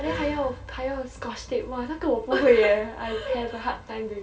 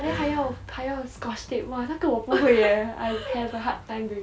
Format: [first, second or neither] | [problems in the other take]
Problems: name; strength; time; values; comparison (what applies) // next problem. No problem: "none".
second | room echo; dies away in 0.3 s